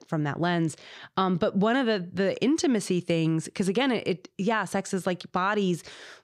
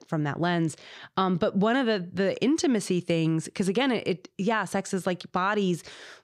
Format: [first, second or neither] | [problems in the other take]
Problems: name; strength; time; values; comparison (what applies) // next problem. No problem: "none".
neither | none